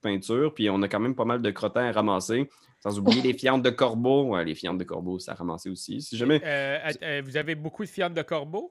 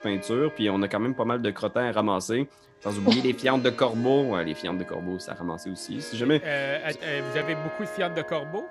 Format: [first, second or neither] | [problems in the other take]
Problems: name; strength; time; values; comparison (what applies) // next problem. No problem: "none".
first | background music; noticeable; throughout; 10 dB below the speech